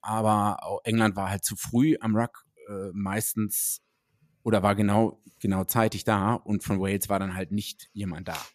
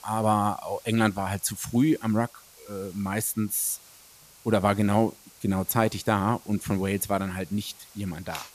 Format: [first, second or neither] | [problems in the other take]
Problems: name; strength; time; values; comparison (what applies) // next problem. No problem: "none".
first | hiss; faint; throughout; 25 dB below the speech